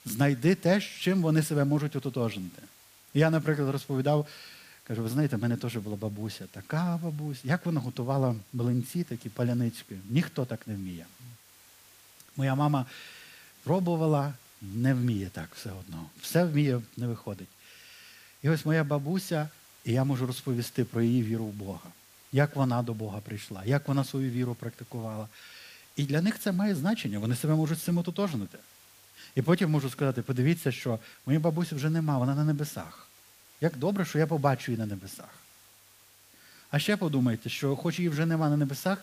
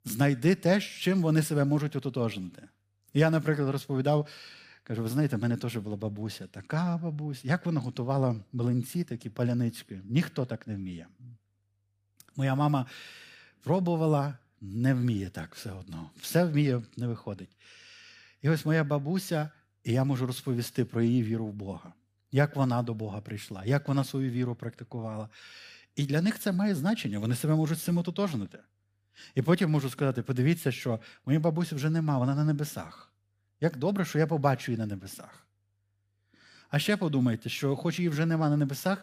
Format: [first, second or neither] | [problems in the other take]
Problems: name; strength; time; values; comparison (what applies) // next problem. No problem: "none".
second | hiss; faint; throughout; 25 dB below the speech